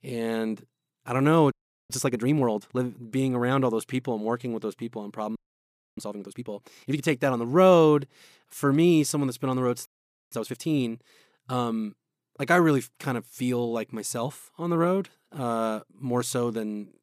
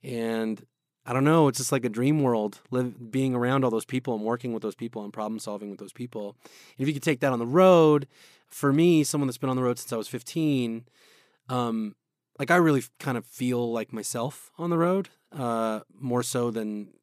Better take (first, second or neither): second